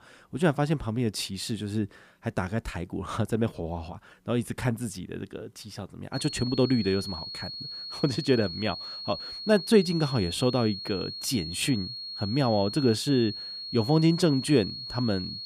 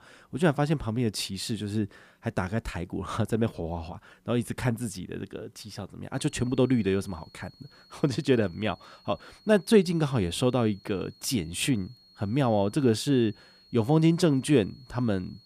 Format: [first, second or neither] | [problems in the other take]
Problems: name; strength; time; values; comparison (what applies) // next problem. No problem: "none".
second | high-pitched whine; loud; from 6 s on; 4.5 kHz, 8 dB below the speech; faint in the second